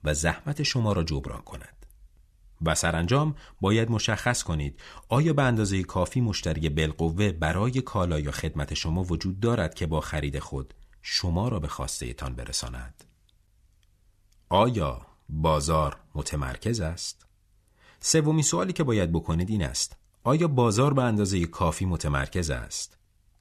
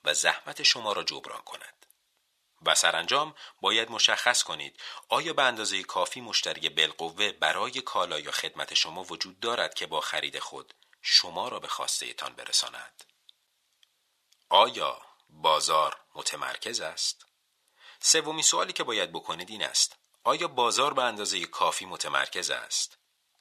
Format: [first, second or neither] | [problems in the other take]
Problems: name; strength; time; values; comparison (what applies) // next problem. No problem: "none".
first | thin; very; fading below 750 Hz